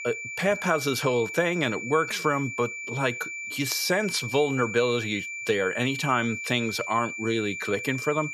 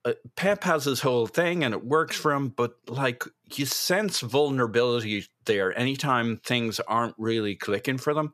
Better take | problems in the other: second | high-pitched whine; loud; throughout; 2.5 kHz, 6 dB below the speech

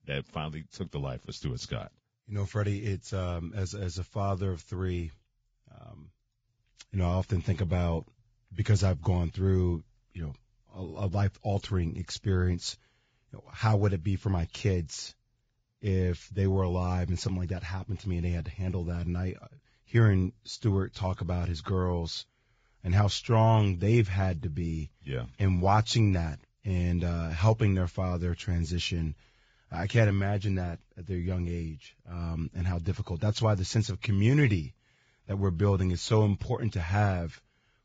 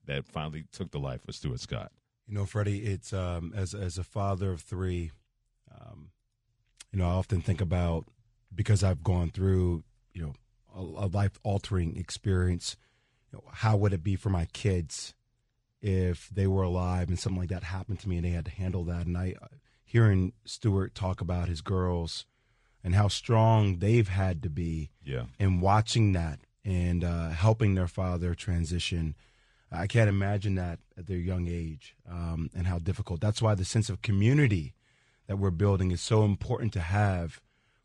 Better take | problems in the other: second | garbled, watery; badly; nothing above 7.5 kHz; slightly in the second

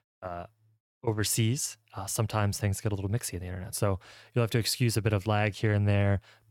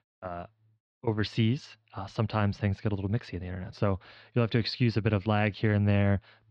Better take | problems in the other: first | muffled; very slightly; fading above 4.5 kHz

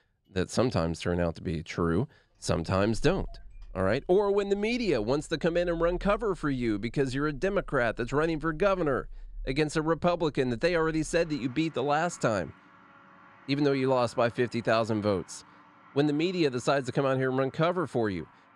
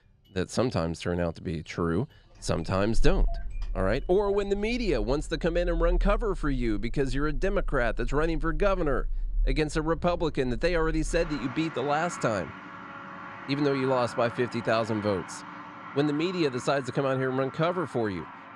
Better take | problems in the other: first | traffic noise; loud; throughout; 10 dB below the speech; faint in the first

